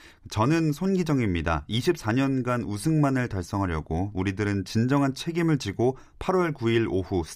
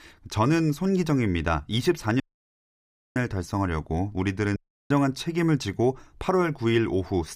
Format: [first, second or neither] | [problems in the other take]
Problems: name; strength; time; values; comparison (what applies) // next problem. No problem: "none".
first | audio cutting out; at 2 s for 1 s and at 4.5 s